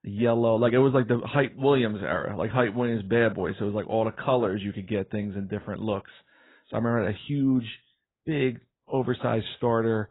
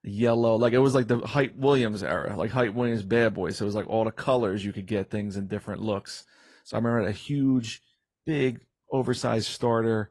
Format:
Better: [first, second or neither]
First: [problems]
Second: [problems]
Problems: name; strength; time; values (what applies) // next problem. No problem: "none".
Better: second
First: garbled, watery; badly; nothing above 4 kHz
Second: garbled, watery; slightly; nothing above 11 kHz